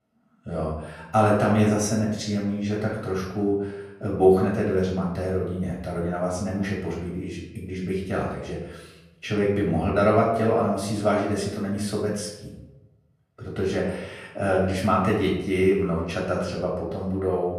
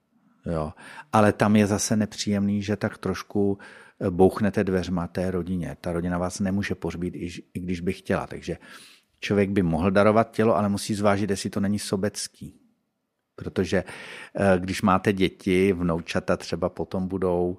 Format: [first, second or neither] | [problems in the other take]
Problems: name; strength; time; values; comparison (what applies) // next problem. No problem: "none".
second | off-mic speech; far // room echo; noticeable; dies away in 0.8 s